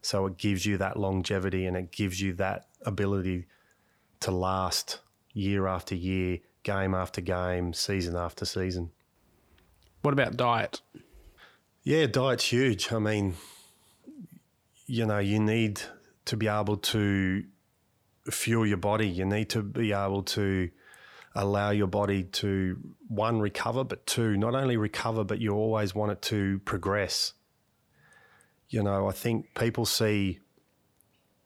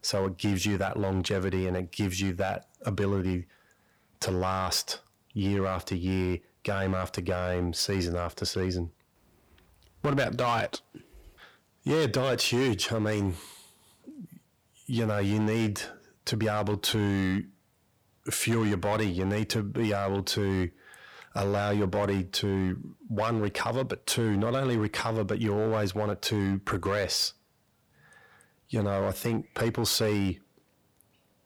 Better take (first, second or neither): first